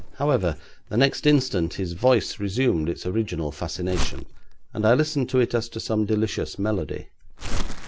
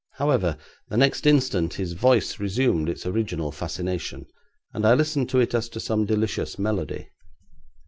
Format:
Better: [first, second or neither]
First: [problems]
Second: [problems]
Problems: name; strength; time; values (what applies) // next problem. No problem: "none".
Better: second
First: background sound (Crumpling, crinkling); 7 dB below the speech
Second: none